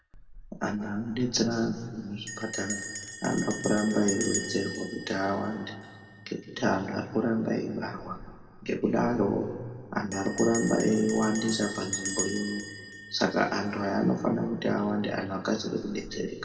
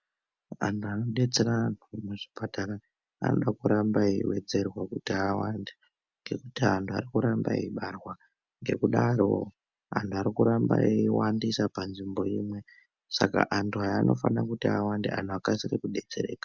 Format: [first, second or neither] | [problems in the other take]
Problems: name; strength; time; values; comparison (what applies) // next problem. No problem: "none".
second | background sound (Bell); 11 dB below the speech // room echo; dies away in 1.5 s